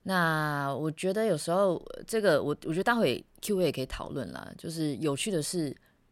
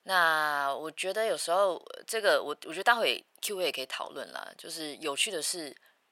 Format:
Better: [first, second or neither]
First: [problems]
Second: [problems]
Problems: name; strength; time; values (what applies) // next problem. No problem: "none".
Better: first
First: none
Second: thin; very; fading below 700 Hz